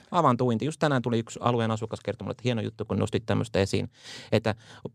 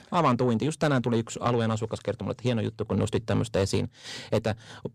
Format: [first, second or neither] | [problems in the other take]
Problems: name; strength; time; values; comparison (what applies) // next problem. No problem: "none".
first | distortion; slight; 10 dB below the speech